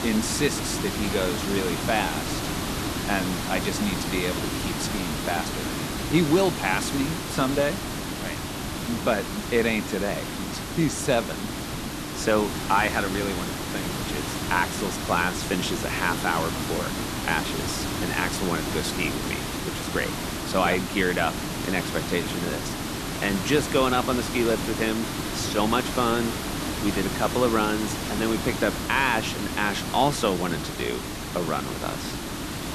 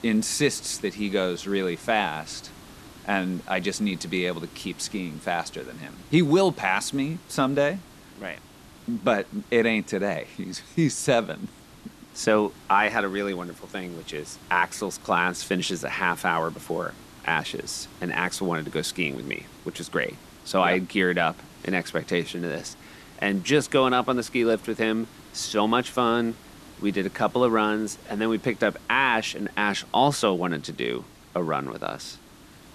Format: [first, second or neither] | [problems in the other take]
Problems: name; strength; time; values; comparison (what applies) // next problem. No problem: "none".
second | hiss; loud; throughout; 3 dB below the speech; faint in the second